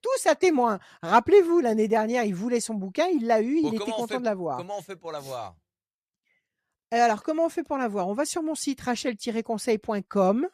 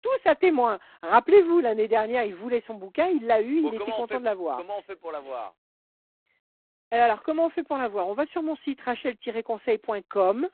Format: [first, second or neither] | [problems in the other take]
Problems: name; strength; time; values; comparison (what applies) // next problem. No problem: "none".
first | phone-call audio; poor line; nothing above 4 kHz